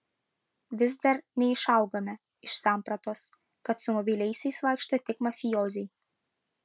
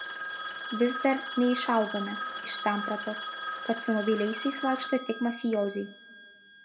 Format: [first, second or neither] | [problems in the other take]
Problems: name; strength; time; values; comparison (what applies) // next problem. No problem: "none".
first | background sound (Telephone); 7 dB below the speech // room echo; dies away in 1.2 s